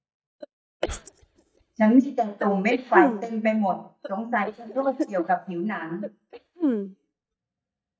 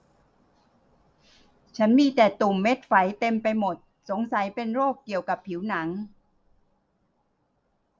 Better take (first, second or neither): second